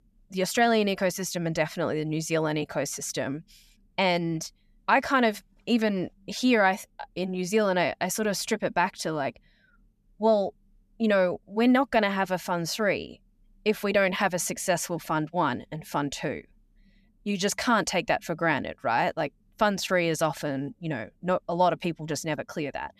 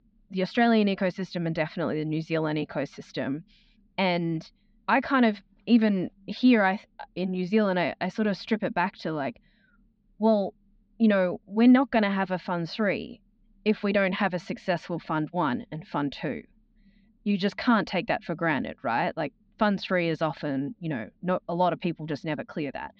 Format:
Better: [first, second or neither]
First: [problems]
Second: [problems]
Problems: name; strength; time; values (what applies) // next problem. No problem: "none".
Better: first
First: none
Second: muffled; very slightly; fading above 4.5 kHz